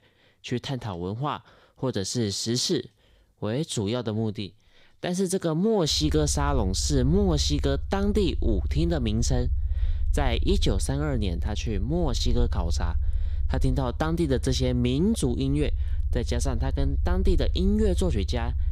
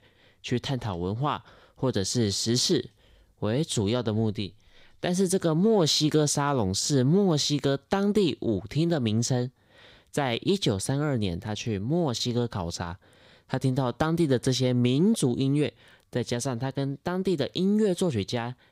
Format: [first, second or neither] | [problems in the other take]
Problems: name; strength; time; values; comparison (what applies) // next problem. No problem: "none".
second | low rumble; noticeable; from 6 s on; 20 dB below the speech